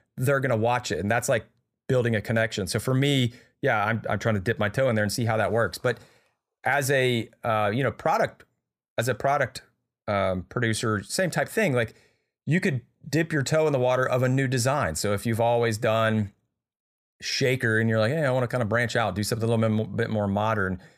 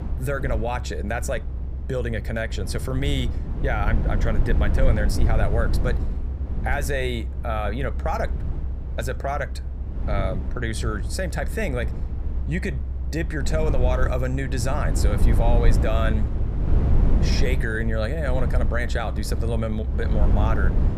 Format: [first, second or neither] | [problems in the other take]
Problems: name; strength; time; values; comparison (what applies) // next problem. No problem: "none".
first | low rumble; loud; throughout; 10 dB below the speech